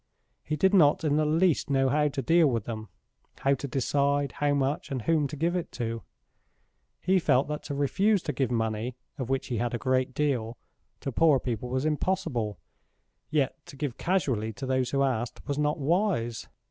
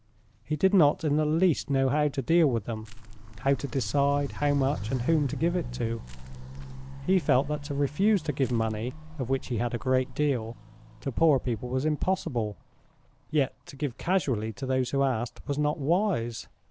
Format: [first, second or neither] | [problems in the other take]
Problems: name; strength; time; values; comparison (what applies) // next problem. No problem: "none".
first | background sound (Walk, footsteps + Crushing); 13 dB below the speech